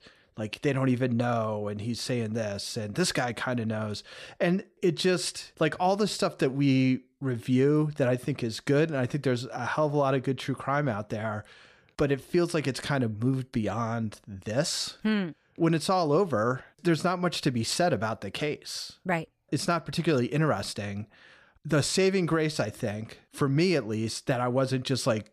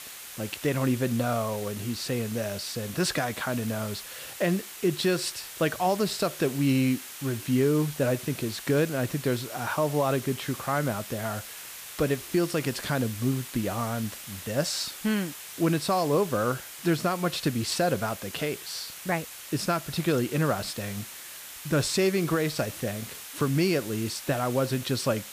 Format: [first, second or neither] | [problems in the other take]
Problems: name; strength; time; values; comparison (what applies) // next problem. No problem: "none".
first | hiss; noticeable; throughout; 10 dB below the speech